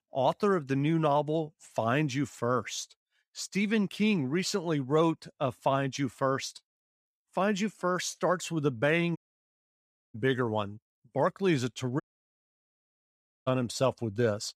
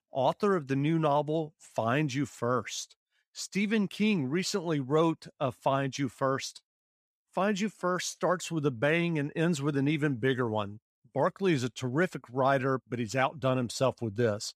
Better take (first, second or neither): second